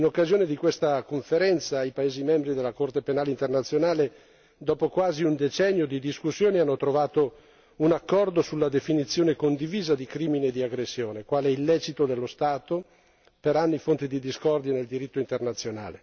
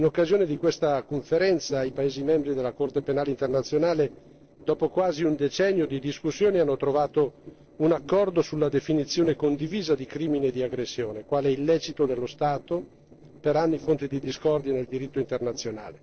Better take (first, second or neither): first